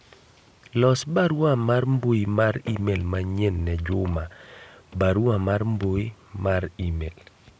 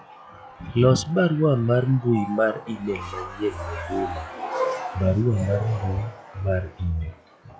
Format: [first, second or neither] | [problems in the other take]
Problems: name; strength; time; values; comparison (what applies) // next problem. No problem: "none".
first | noise reduction (classical method log-MMSE)